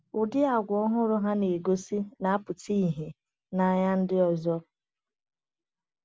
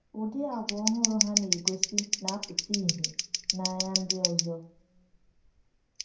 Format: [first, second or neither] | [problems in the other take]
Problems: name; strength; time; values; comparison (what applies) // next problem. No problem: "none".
first | background sound (Scissors); 2 dB above the speech // room echo; dies away in 0.5 s